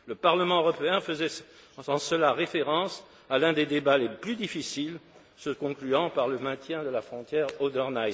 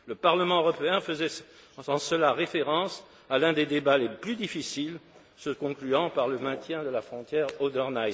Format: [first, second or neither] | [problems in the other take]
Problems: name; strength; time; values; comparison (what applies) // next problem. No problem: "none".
first | background sound (Brass instrument); 19 dB below the speech